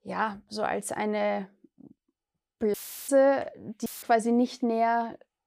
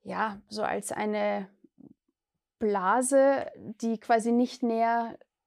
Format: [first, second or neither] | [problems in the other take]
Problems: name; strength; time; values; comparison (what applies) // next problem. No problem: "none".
second | audio cutting out; filled with static; at 2.5 s and at 4 s